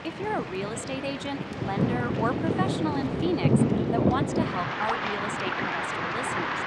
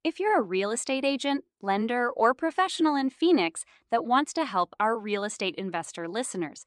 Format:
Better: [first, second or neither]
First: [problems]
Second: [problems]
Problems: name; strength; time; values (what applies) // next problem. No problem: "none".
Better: second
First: rain or running water; very loud; throughout; 5 dB above the speech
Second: none